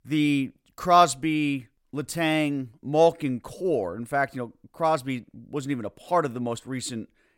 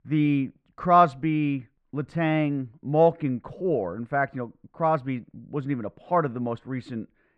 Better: first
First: none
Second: muffled; very; fading above 1.5 kHz

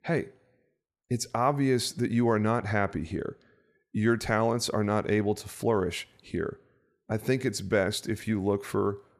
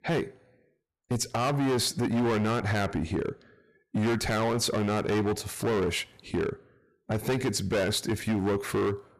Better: first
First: none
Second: distortion; heavy; 18% of the sound clipped

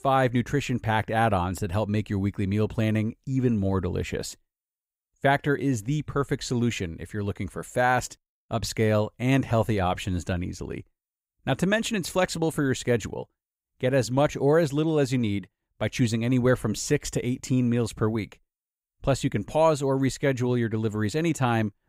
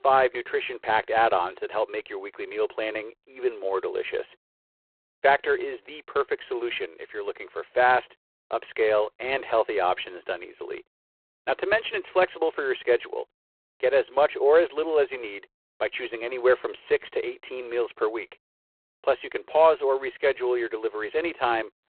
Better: first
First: none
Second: phone-call audio; poor line; nothing above 3.5 kHz

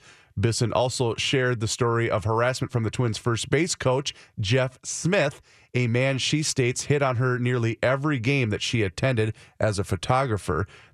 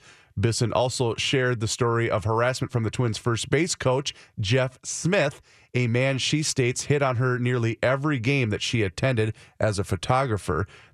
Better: neither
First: none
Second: none

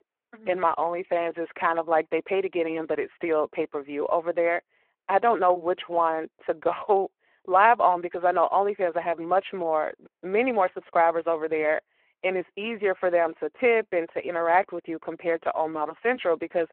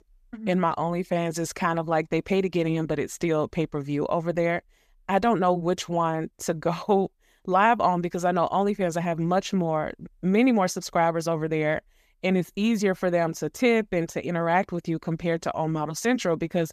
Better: second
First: phone-call audio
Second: none

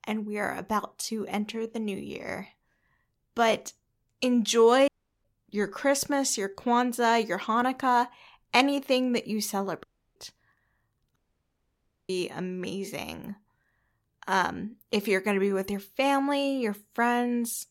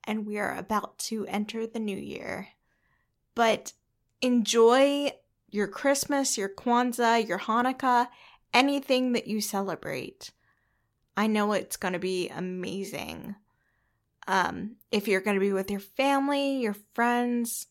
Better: second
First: audio cutting out; at 5 s, at 10 s and at 11 s for 1 s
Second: none

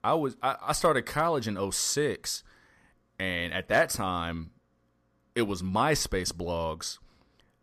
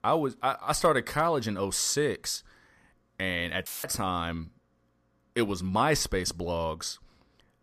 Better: first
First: none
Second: audio cutting out; filled with static; at 3.5 s

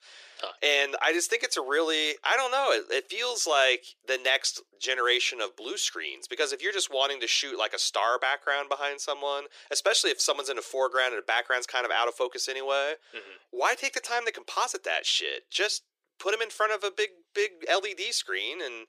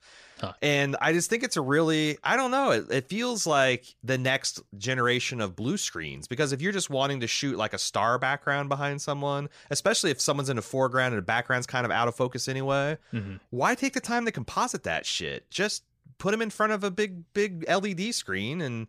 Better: second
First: thin; very; fading below 350 Hz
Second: none

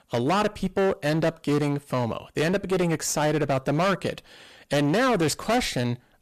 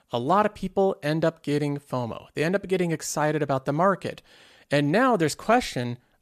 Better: second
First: distortion; heavy; 20% of the sound clipped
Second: none

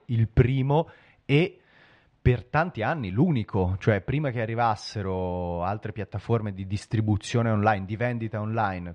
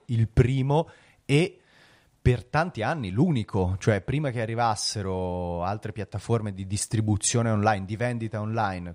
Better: second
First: muffled; slightly; fading above 3 kHz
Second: none

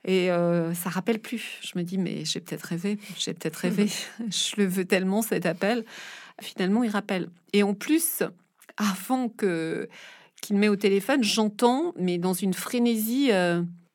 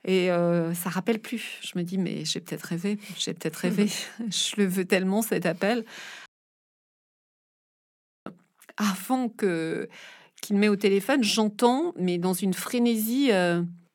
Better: first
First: none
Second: audio cutting out; at 6.5 s for 2 s

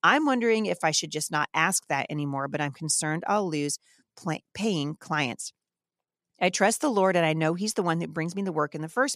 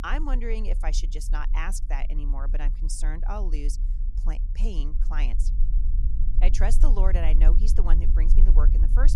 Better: first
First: none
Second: low rumble; noticeable; throughout; 10 dB below the speech

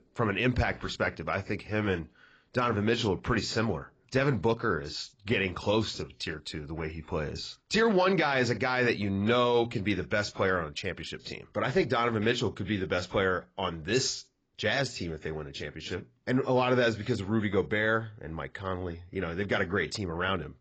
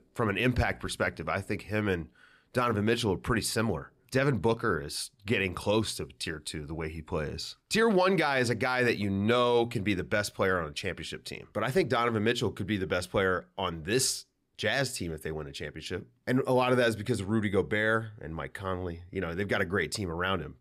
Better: second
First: garbled, watery; badly; nothing above 7.5 kHz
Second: none

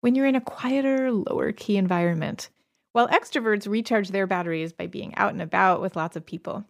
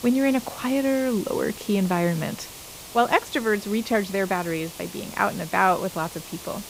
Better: first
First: none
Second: hiss; noticeable; throughout; 15 dB below the speech

